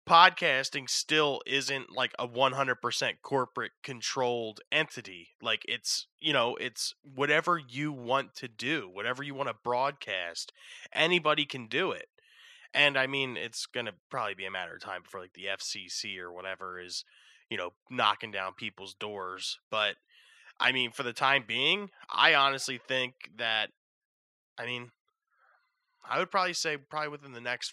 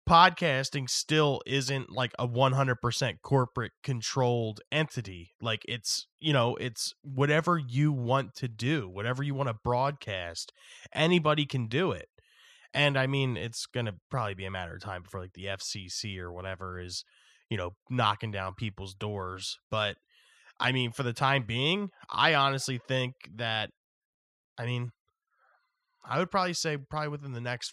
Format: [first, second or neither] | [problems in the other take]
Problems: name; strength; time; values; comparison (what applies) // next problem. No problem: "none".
second | thin; somewhat; fading below 300 Hz